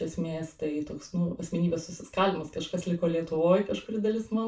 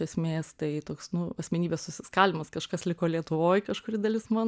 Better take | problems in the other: second | room echo; dies away in 0.2 s

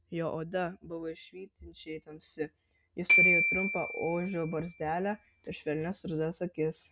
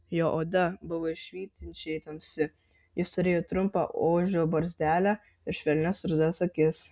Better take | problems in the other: second | background sound (Glockenspiel); 4 dB above the speech

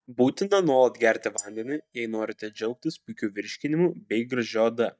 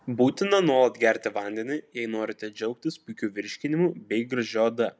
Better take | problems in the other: second | noise reduction (neural mask model DeepFilterNet 3)

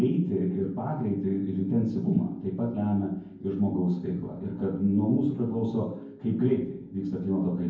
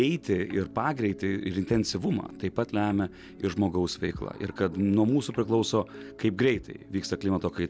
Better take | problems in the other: second | room echo; dies away in 0.9 s

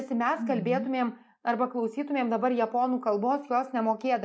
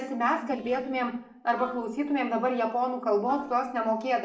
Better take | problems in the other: first | noise reduction (neural separator model SepFormer DNS4)

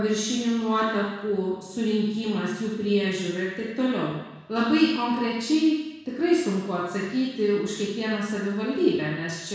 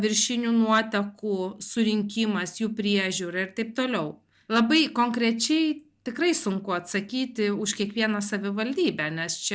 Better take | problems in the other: second | room echo; dies away in 1.1 s

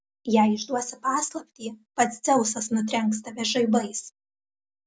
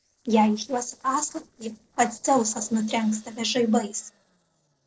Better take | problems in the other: first | noise reduction (neural separator model SepFormer DNS4)

